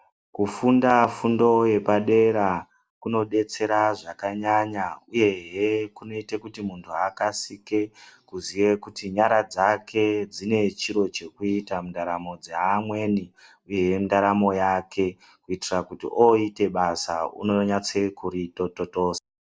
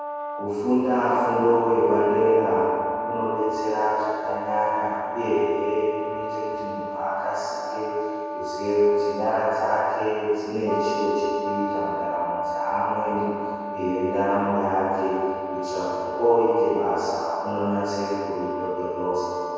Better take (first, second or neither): first